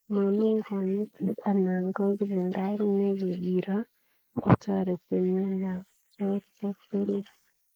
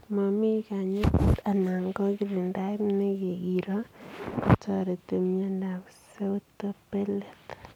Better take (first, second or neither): second